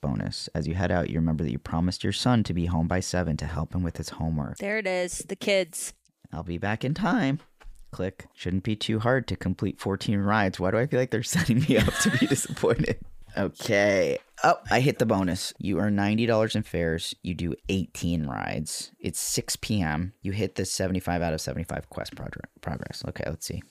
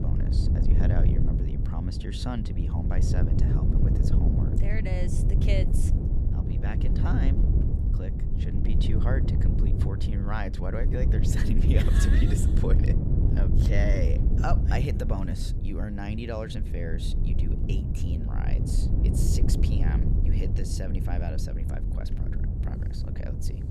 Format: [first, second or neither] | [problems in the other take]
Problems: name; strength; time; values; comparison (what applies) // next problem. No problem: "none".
first | wind noise on the microphone; heavy; 1 dB below the speech